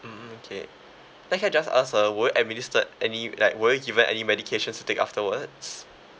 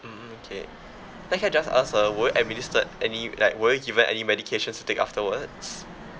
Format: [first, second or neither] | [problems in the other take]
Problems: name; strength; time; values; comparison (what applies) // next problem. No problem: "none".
first | background sound (Fixed-wing aircraft, airplane); 18 dB below the speech